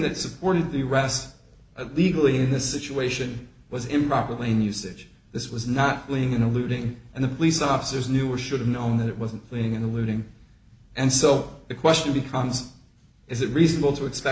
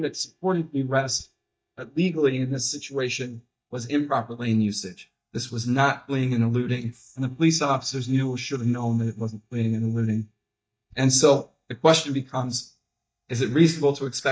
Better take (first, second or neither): first